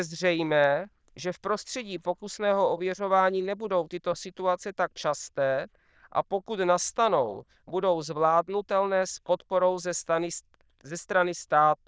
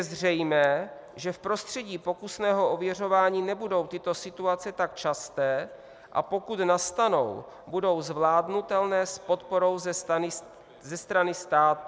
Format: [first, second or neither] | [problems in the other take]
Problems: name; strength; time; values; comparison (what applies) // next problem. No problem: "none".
second | noise reduction (neural diffusion model UNIVERSE++)